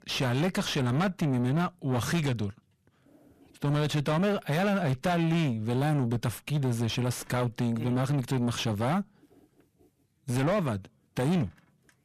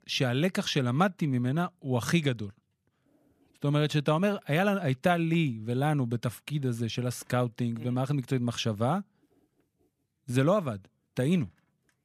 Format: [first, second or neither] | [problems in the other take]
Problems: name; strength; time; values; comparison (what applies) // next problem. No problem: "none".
second | distortion; heavy; 7 dB below the speech